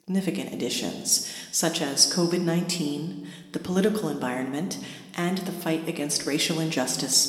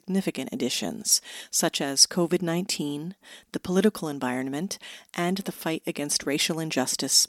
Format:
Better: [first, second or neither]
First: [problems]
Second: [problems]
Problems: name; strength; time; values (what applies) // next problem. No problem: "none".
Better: second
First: room echo; slight; dies away in 1.1 s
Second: none